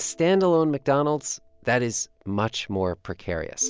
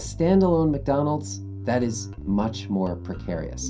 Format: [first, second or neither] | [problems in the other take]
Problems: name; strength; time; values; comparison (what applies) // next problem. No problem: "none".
first | background sound (Bass guitar); 10 dB below the speech // room echo; dies away in 0.3 s